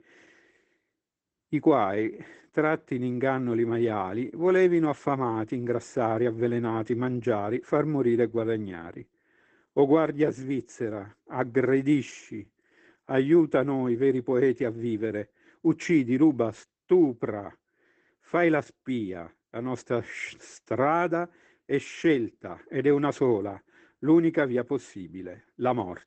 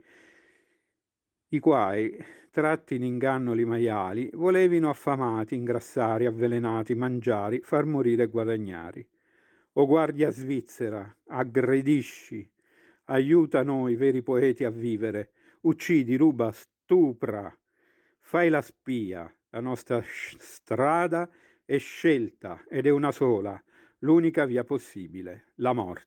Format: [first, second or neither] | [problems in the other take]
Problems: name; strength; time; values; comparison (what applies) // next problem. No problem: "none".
second | garbled, watery; badly; nothing above 8 kHz; slightly in the second